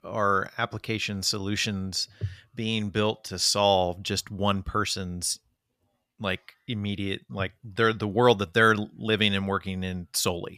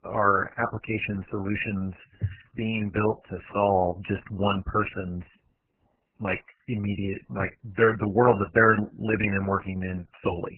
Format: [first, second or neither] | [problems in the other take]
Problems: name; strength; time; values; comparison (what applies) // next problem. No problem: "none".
first | garbled, watery; badly; nothing above 3 kHz